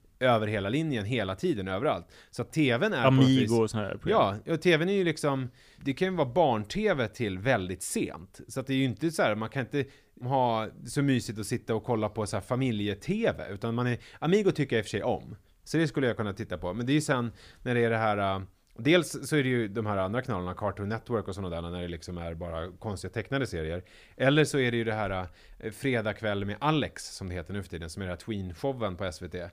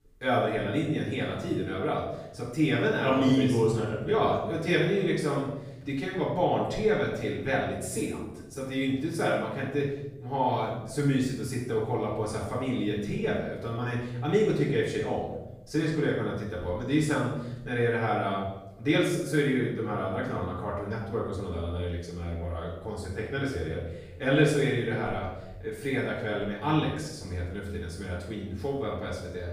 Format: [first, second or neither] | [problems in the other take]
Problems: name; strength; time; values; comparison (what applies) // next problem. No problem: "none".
first | off-mic speech; far // room echo; noticeable; dies away in 0.8 s